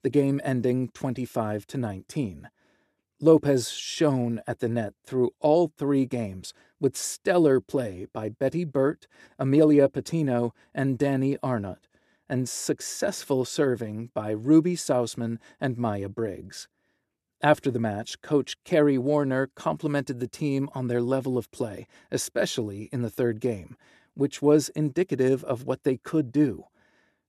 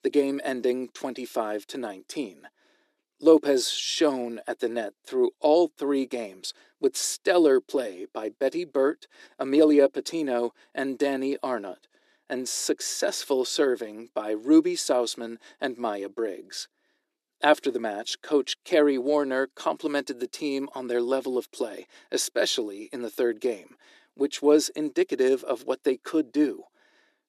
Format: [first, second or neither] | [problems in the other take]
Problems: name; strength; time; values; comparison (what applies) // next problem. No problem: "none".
first | thin; very slightly; fading below 300 Hz